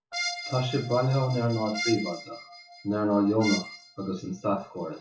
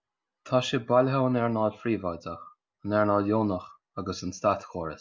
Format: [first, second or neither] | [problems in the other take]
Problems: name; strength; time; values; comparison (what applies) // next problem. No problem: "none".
second | noise reduction (classical method WPE with log-MMSE)